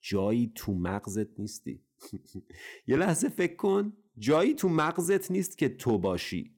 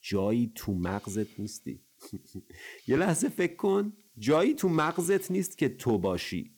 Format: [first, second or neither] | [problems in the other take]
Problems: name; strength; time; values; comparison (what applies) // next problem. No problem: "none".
first | hiss; faint; throughout; 30 dB below the speech